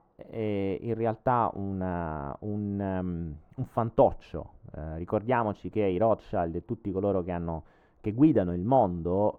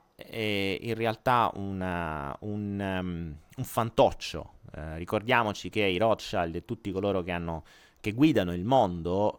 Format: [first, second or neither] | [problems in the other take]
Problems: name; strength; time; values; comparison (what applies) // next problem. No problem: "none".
second | muffled; very; fading above 2 kHz